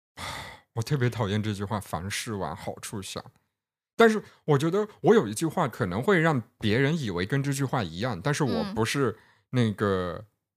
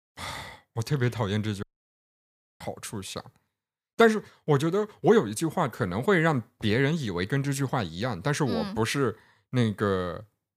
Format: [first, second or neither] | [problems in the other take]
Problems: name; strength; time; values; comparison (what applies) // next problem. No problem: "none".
first | audio cutting out; at 1.5 s for 1 s